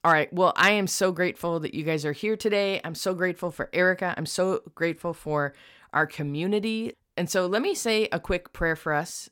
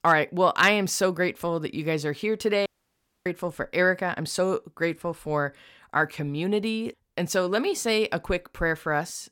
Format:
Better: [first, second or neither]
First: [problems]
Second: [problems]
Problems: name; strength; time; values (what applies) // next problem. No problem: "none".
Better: first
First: none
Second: audio cutting out; at 2.5 s for 0.5 s